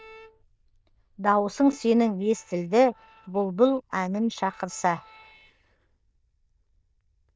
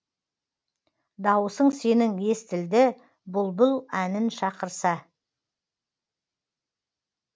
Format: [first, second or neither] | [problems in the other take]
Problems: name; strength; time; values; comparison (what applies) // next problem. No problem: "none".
second | noise reduction (neural diffusion model UNIVERSE++)